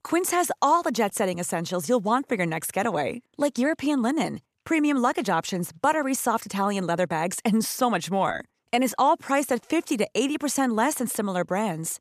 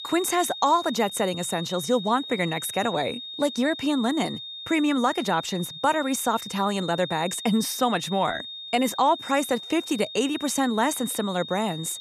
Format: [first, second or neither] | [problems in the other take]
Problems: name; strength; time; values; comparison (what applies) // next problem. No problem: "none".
first | high-pitched whine; loud; throughout; 3.5 kHz, 10 dB below the speech